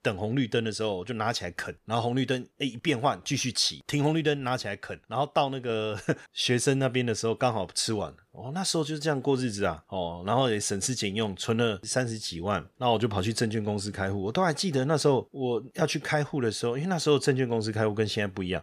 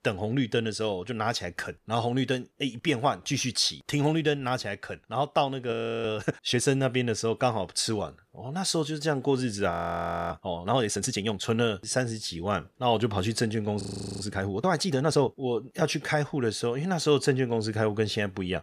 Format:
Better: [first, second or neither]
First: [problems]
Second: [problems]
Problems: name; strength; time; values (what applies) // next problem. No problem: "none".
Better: first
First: none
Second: audio freezing; at 5.5 s, at 9.5 s for 0.5 s and at 14 s